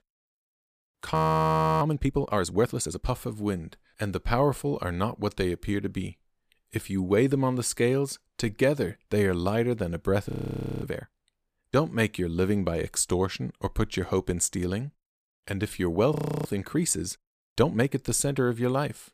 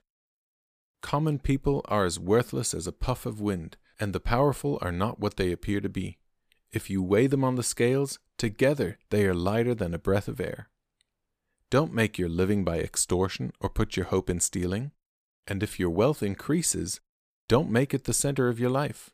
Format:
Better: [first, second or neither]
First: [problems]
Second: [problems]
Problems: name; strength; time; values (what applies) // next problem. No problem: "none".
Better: second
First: audio freezing; at 1 s for 0.5 s, at 10 s for 0.5 s and at 16 s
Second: none